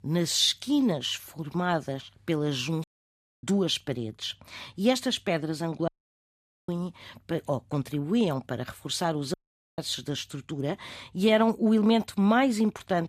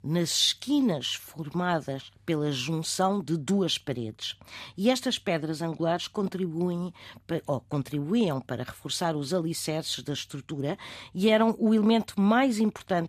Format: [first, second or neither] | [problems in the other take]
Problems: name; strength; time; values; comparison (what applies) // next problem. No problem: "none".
second | audio cutting out; at 3 s for 0.5 s, at 6 s for 1 s and at 9.5 s